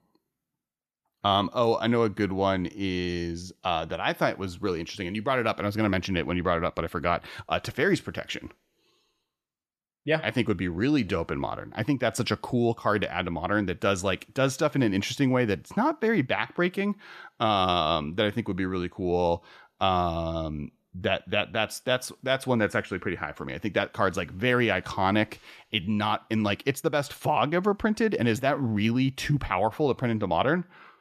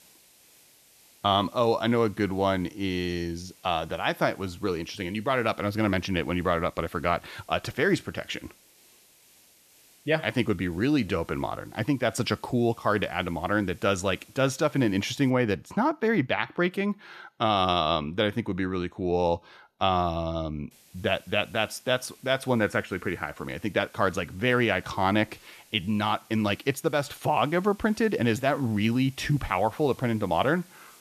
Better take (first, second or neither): first